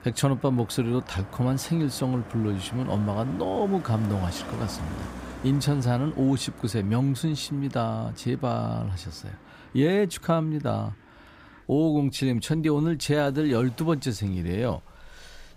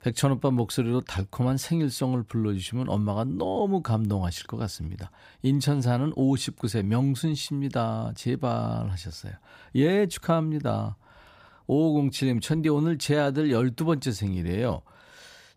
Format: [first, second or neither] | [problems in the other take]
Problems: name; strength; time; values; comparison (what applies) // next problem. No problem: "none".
second | traffic noise; noticeable; throughout; 15 dB below the speech